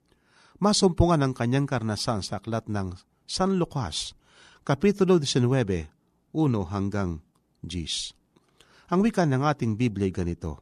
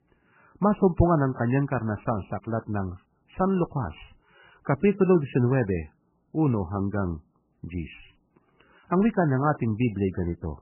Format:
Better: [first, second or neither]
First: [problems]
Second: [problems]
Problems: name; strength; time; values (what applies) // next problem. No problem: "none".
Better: first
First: none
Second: garbled, watery; badly; nothing above 3 kHz